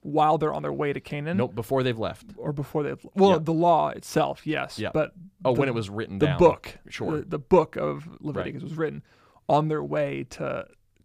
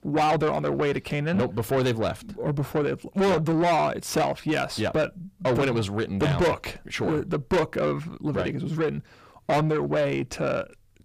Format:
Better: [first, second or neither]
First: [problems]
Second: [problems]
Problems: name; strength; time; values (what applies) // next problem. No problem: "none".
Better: first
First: none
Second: distortion; heavy; 6 dB below the speech